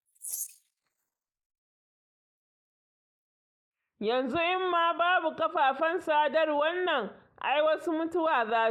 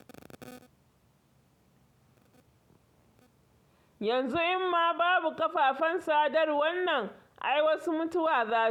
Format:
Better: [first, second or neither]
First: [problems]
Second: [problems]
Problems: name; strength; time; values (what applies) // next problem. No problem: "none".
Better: second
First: noise reduction (neural mask model Resemble Enhance denoiser)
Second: none